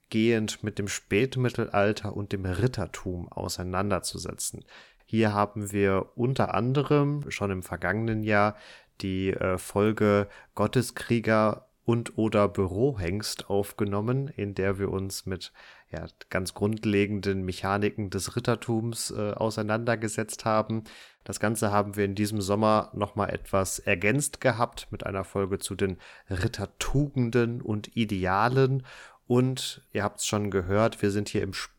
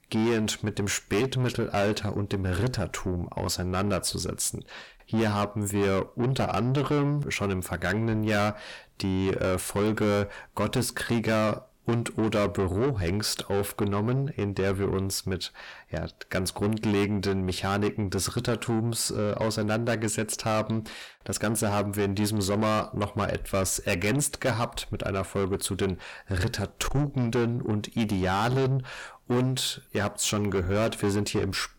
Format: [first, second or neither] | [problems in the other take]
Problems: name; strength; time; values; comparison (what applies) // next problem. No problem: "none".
first | distortion; heavy; 7 dB below the speech